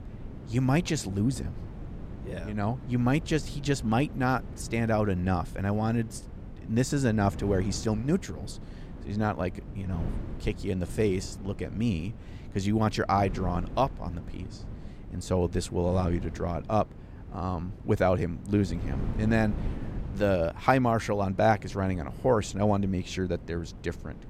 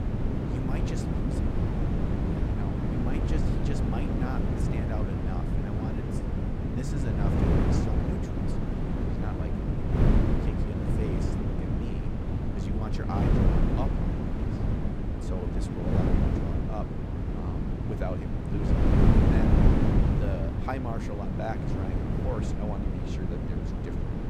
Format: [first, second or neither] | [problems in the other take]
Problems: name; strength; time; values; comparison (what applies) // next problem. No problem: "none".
first | wind noise on the microphone; heavy; 5 dB above the speech; occasional gusts in the first